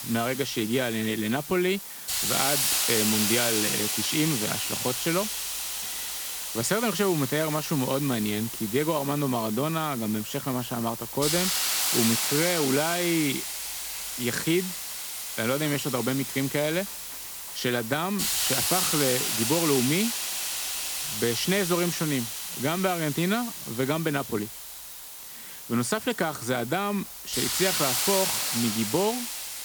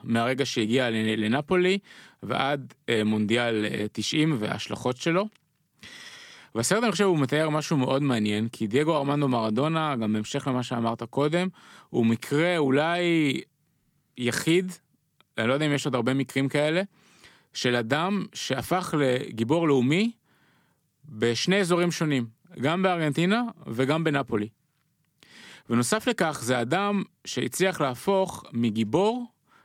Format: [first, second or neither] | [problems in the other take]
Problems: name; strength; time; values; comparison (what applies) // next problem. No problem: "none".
second | hiss; loud; throughout; as loud as the speech